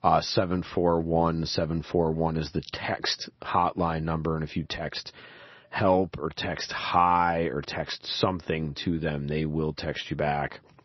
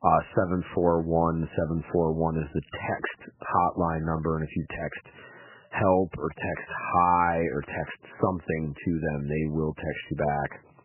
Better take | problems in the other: first | garbled, watery; badly; nothing above 3 kHz; slightly in the first

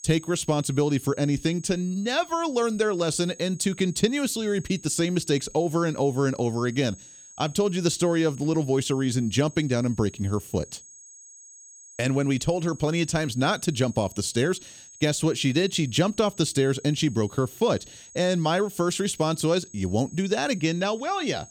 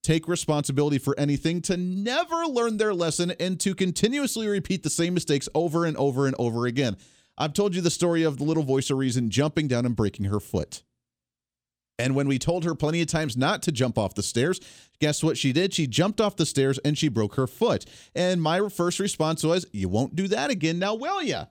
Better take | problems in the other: second | high-pitched whine; faint; throughout; 6.5 kHz, 20 dB below the speech

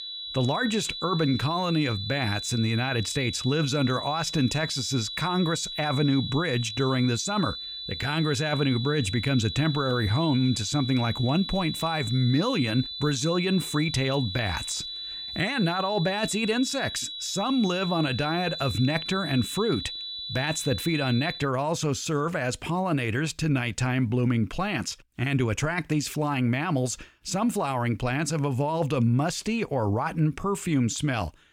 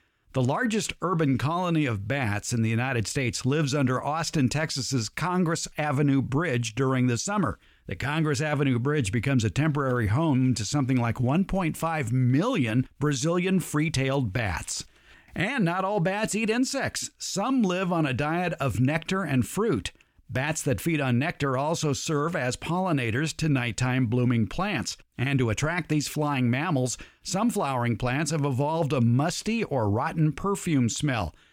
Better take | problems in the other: second | high-pitched whine; loud; until 21 s; 4 kHz, 7 dB below the speech

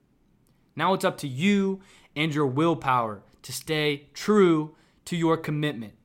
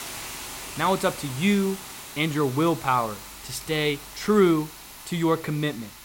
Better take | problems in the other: first | hiss; noticeable; throughout; 15 dB below the speech

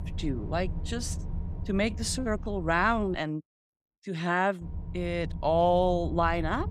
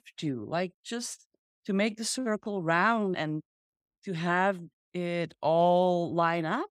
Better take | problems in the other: second | low rumble; faint; until 3 s and from 4.5 s on; 20 dB below the speech

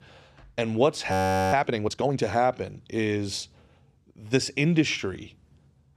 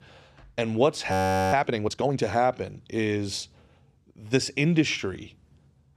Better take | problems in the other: neither | audio freezing; at 1 s; the same in both

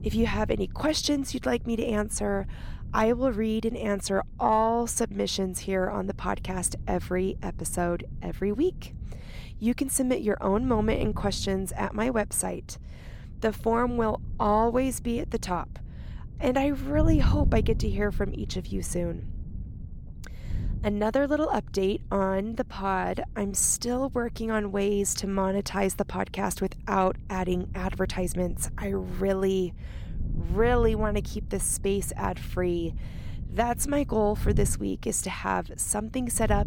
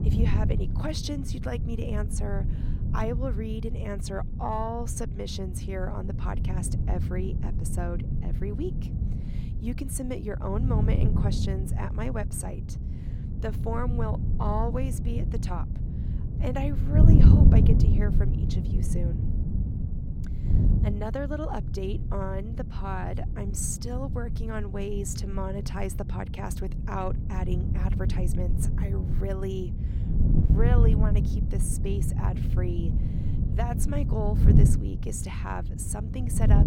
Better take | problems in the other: first | wind noise on the microphone; heavy; 4 dB below the speech; occasional gusts in the first

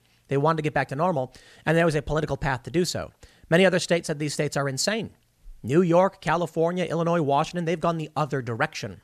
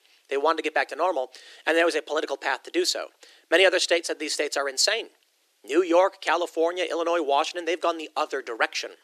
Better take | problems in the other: first | thin; very; fading below 300 Hz

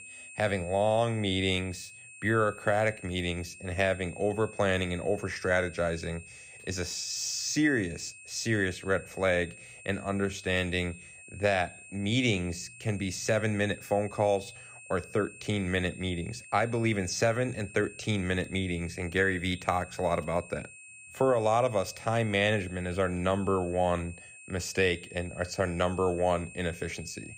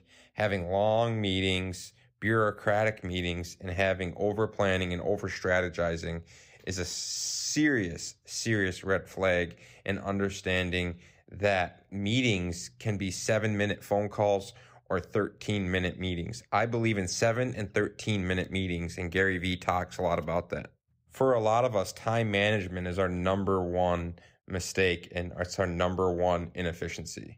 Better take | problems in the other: second | high-pitched whine; noticeable; throughout; 2.5 kHz, 15 dB below the speech

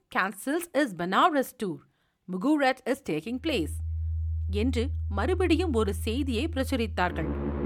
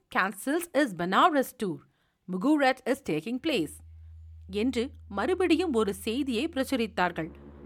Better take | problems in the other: second | background music; loud; from 3.5 s on; 6 dB below the speech; faint in the second

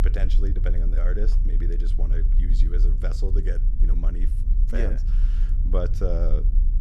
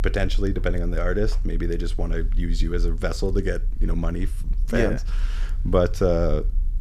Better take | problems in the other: second | low rumble; loud; throughout; 9 dB below the speech; faint in the second

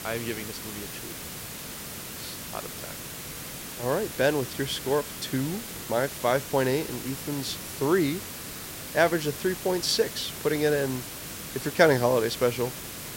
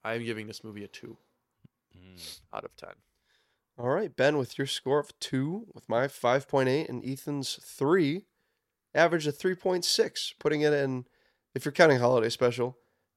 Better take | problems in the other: second | hiss; loud; throughout; 9 dB below the speech

